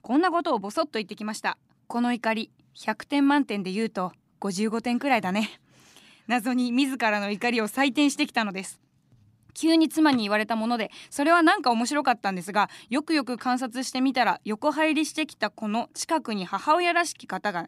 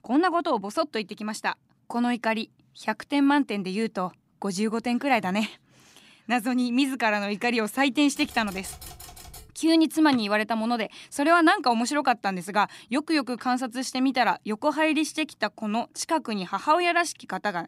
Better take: first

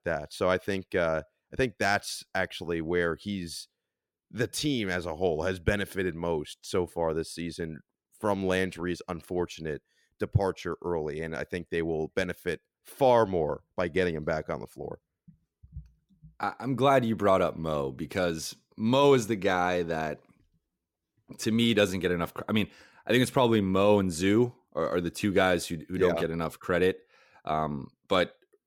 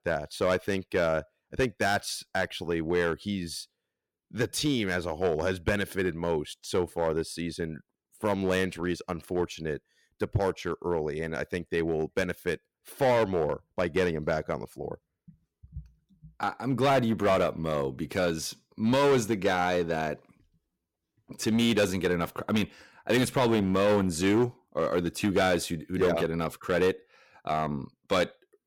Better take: first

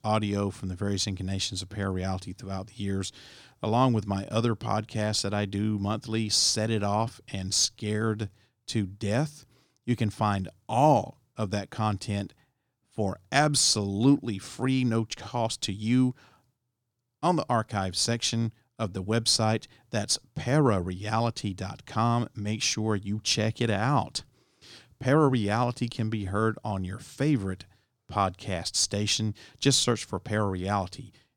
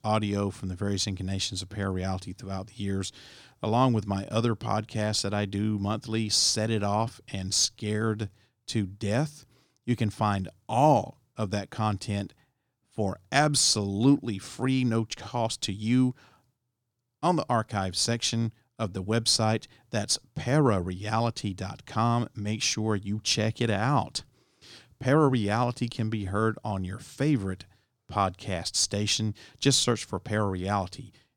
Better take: neither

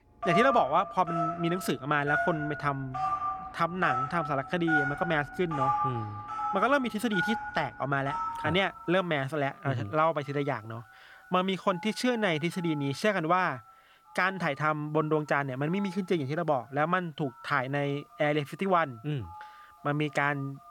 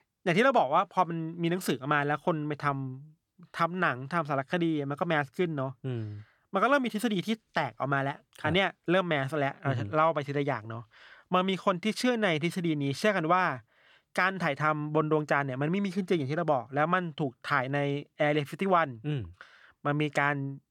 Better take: second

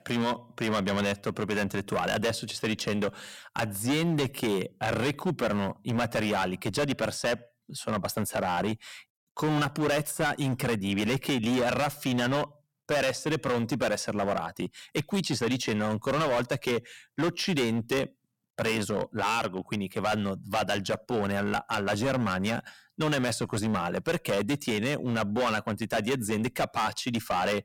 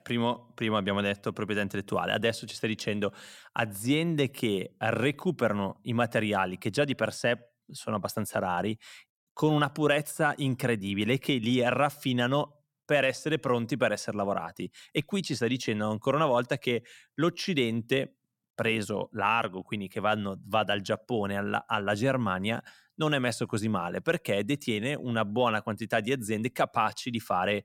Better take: second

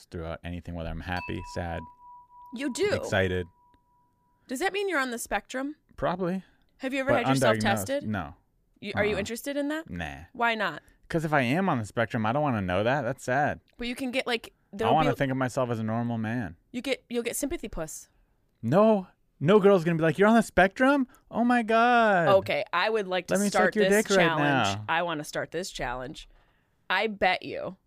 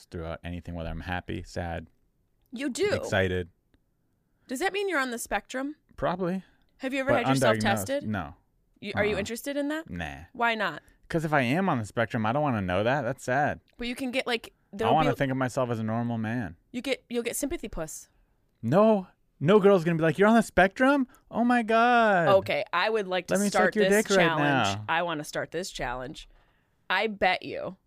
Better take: second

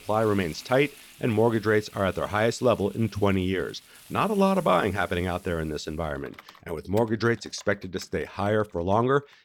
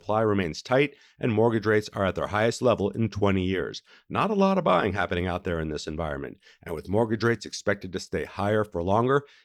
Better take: second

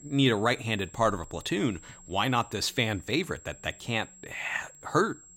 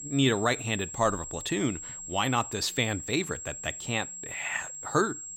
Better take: first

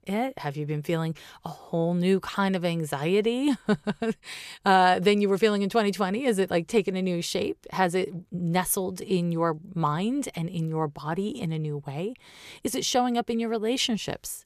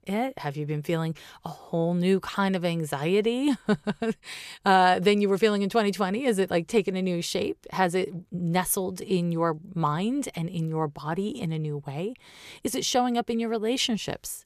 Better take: neither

